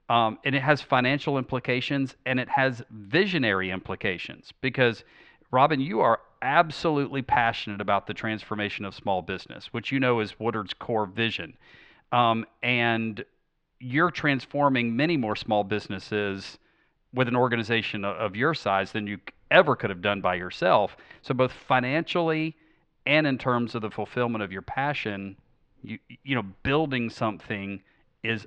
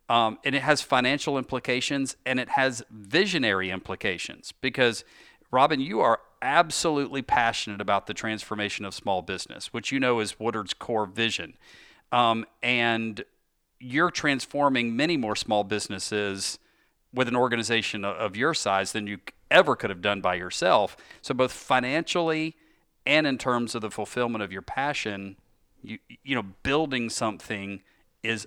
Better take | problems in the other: second | muffled; slightly; fading above 3.5 kHz

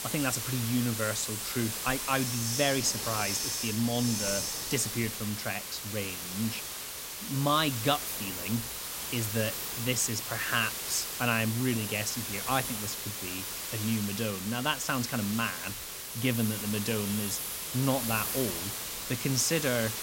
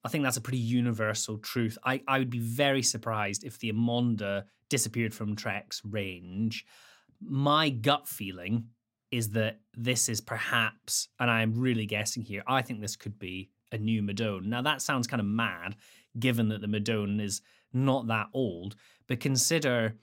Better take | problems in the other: second | hiss; loud; throughout; 2 dB below the speech

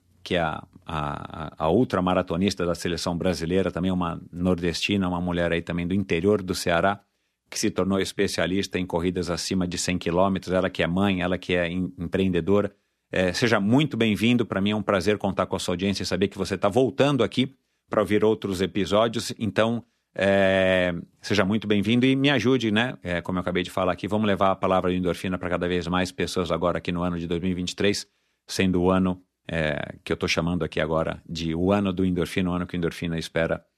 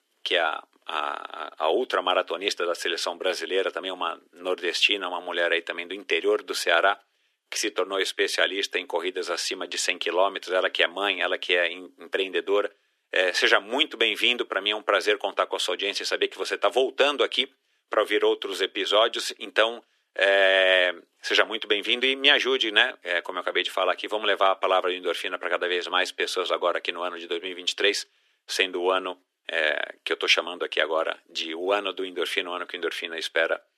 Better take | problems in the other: first | thin; very; fading below 350 Hz

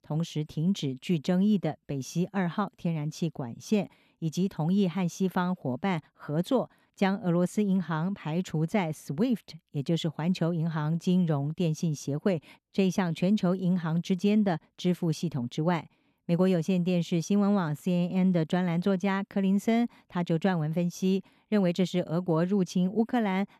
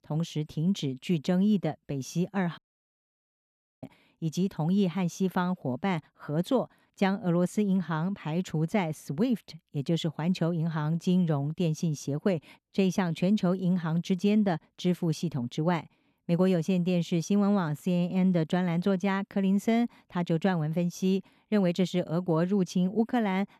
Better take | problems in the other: first | audio cutting out; at 2.5 s for 1 s

